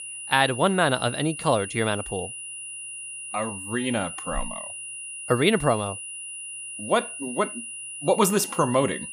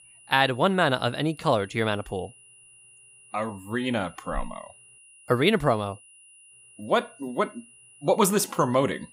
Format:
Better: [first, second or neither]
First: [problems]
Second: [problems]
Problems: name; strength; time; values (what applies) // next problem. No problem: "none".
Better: second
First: high-pitched whine; loud; throughout; 10 kHz, 9 dB below the speech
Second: high-pitched whine; faint; throughout; 10 kHz, 25 dB below the speech